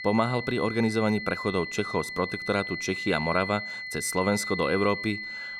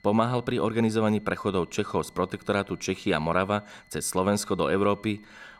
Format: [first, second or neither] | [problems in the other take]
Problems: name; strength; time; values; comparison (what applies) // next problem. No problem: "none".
second | high-pitched whine; loud; throughout; 2 kHz, 6 dB below the speech; faint in the second